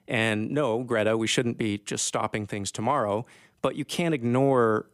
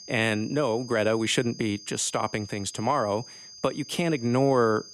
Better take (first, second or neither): first